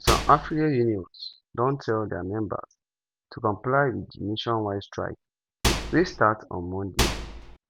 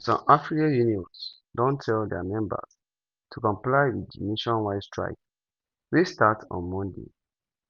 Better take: second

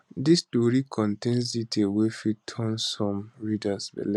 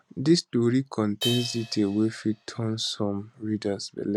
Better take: first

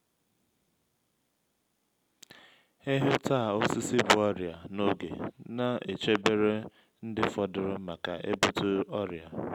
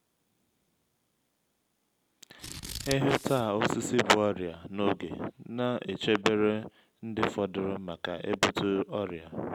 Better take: first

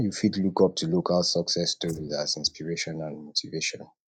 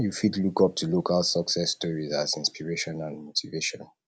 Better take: second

